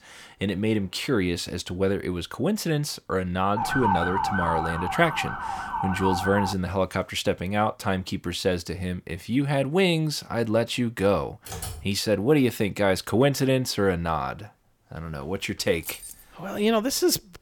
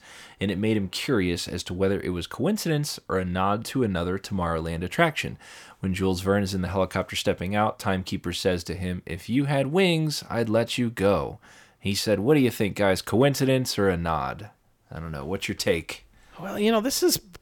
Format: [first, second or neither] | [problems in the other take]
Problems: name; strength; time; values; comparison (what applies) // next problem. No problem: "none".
second | siren; loud; from 3.5 to 6.5 s; peak 1 dB above the speech // keyboard typing; noticeable; at 11 s; peak 9 dB below the speech // jangling keys; faint; at 16 s; peak 10 dB below the speech